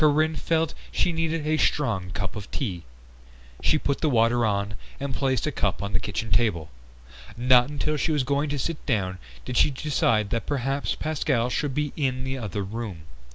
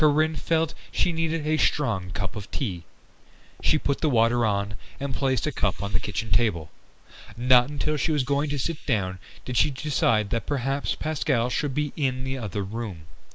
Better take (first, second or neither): first